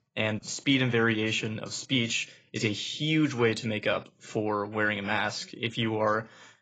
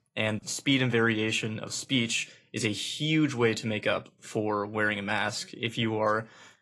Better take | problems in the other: second | garbled, watery; badly; nothing above 7.5 kHz; slightly in the second

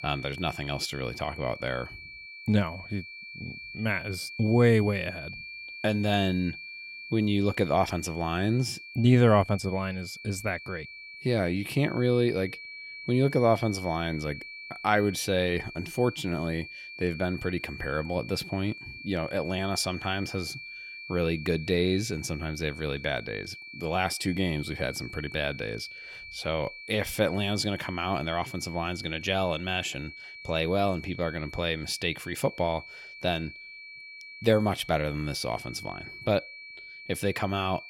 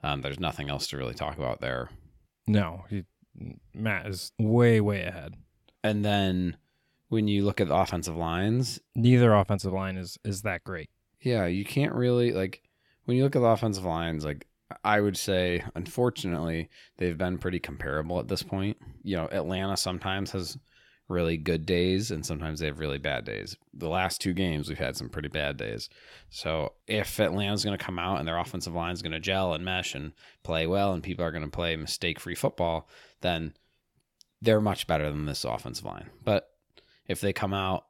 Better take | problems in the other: second | high-pitched whine; noticeable; throughout; 2.5 kHz, 10 dB below the speech

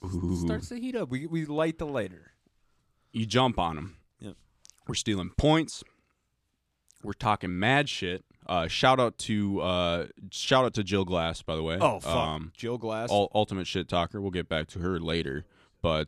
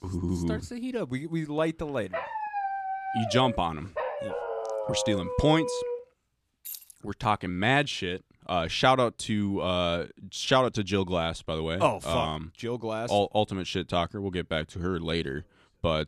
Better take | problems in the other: first | dog barking; noticeable; from 2 to 6 s; peak 3 dB below the speech // jangling keys; faint; at 6.5 s; peak 10 dB below the speech

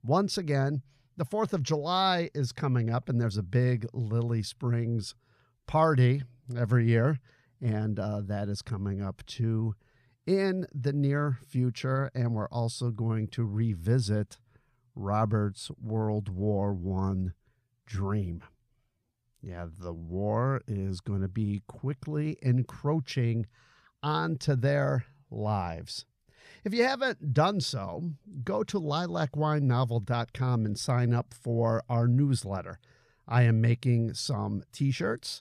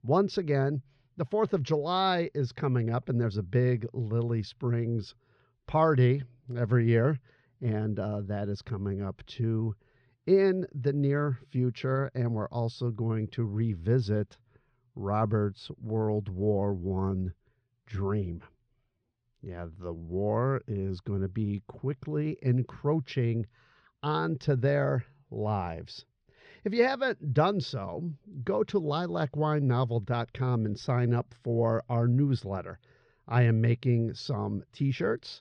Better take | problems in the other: first | muffled; very slightly; fading above 4 kHz

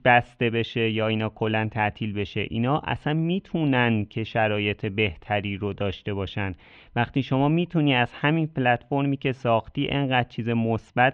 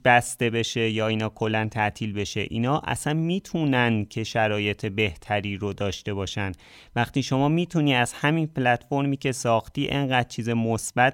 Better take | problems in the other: second | muffled; very; fading above 3 kHz

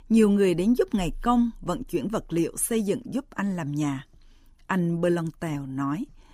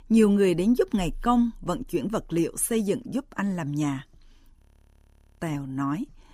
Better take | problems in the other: first | audio freezing; at 4.5 s for 1 s

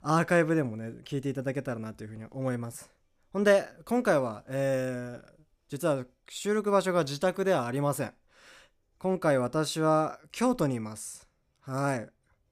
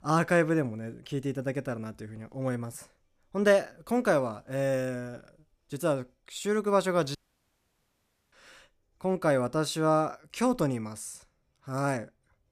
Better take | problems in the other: first | audio cutting out; at 7 s for 1 s

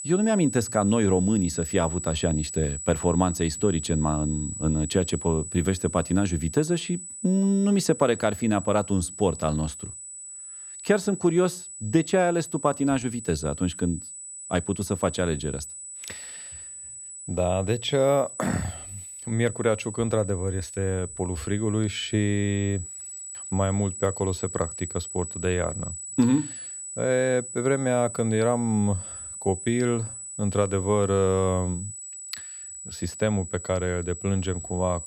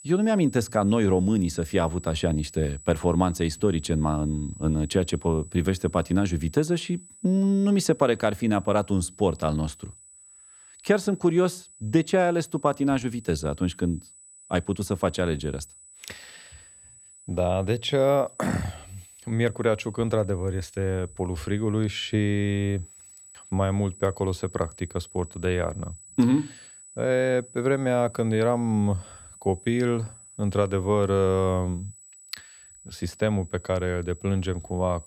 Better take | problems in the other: second | high-pitched whine; loud; throughout; 8 kHz, 10 dB below the speech; faint in the second

